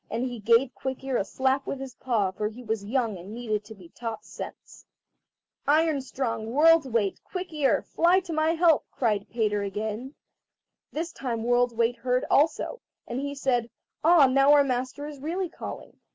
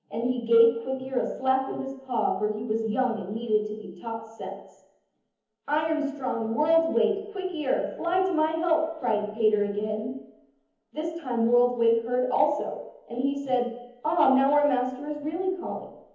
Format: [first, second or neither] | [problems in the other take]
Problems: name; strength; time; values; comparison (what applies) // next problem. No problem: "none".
first | room echo; dies away in 1.3 s